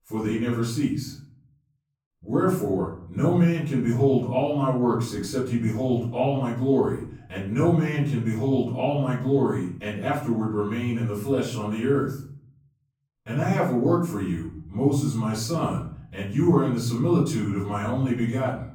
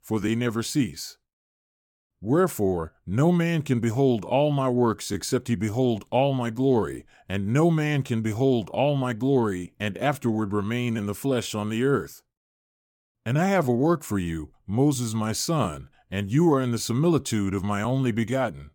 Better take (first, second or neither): second